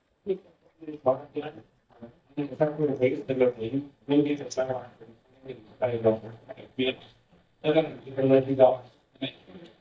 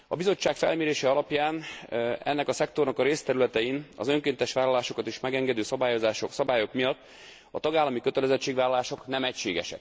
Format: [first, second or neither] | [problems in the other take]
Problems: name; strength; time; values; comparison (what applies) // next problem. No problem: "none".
second | noise reduction (neural mask model DeepFilterNet 3)